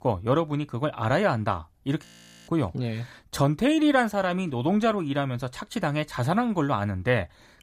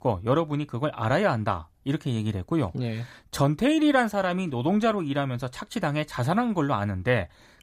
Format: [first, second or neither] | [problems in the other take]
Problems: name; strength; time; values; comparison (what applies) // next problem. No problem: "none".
second | audio freezing; at 2 s